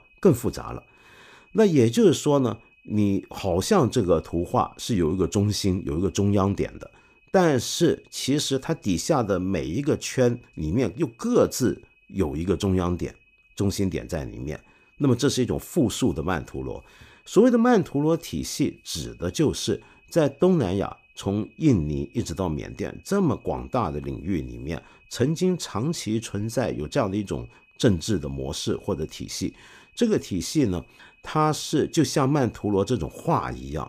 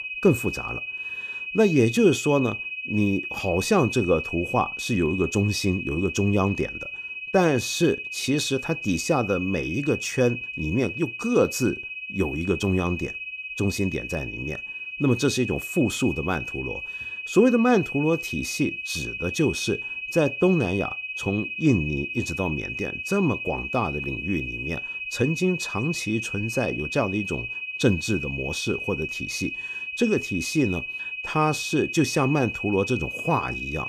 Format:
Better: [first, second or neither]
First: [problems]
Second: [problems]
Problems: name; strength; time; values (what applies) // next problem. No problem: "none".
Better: first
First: high-pitched whine; faint; throughout; 2.5 kHz, 30 dB below the speech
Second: high-pitched whine; loud; throughout; 2.5 kHz, 6 dB below the speech